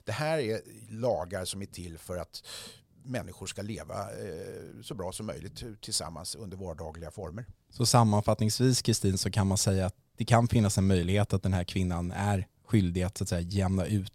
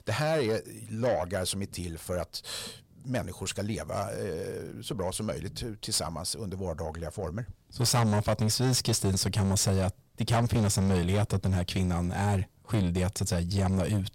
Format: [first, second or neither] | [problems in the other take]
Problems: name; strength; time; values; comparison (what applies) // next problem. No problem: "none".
first | distortion; heavy; 7 dB below the speech